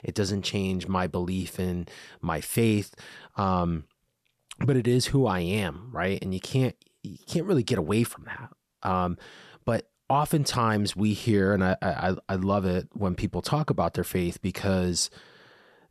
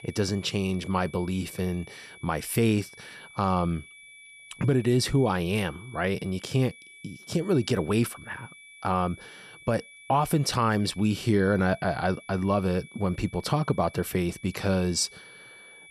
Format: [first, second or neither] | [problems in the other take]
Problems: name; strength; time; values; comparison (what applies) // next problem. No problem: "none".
first | high-pitched whine; faint; throughout; 2.5 kHz, 20 dB below the speech